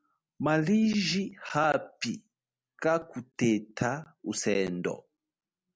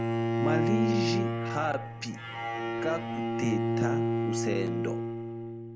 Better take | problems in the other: first | background sound (Bowed string instrument); 5 dB above the speech

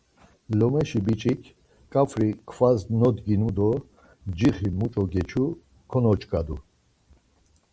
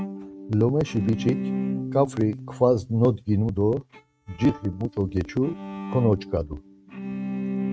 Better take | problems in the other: first | noise reduction (neural mask model RNNoise)

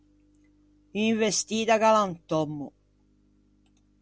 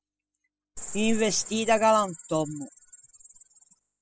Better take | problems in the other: first | noise reduction (classical method spectral subtraction)

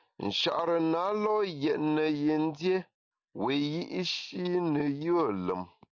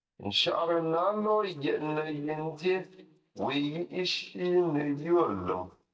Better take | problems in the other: first | noise reduction (neural mask model DeepFilterNet 3)

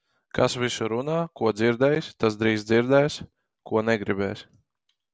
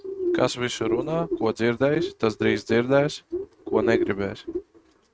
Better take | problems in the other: first | noise reduction (neural mask model RNNoise)

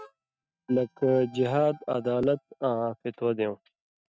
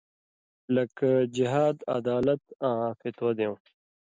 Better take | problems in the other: second | noise reduction (neural mask model RNNoise)

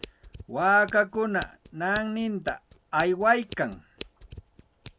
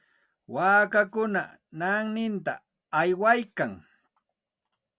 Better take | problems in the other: second | background sound (Scissors); 19 dB below the speech

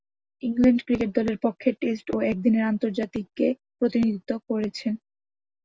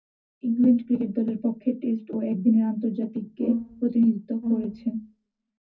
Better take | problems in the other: first | background sound (Brass instrument); 5 dB below the speech // room echo; dies away in 0.4 s

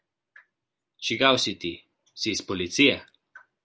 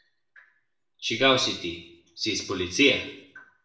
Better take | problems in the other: first | room echo; dies away in 0.6 s

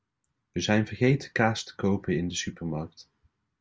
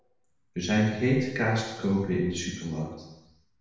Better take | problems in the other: first | room echo; dies away in 1 s

